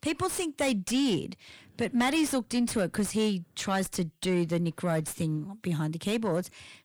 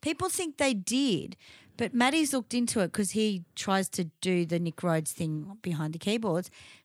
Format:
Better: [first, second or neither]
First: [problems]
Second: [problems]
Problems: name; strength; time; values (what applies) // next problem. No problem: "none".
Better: second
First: distortion; slight; 10 dB below the speech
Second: none